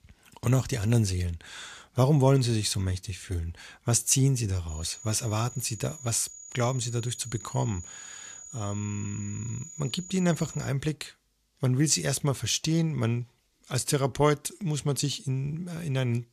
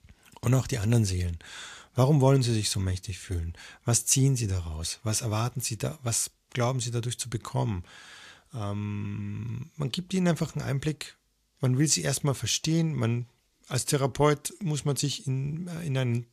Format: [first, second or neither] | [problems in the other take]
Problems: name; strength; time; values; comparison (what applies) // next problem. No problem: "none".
second | high-pitched whine; noticeable; from 4.5 to 11 s; 7 kHz, 15 dB below the speech